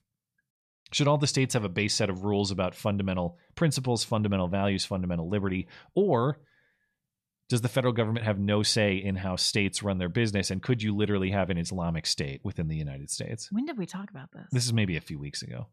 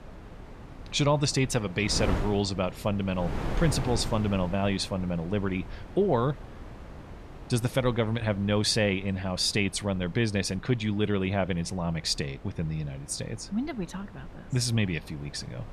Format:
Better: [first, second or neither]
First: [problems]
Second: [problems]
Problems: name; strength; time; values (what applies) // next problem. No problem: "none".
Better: first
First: none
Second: wind noise on the microphone; occasional gusts; 15 dB below the speech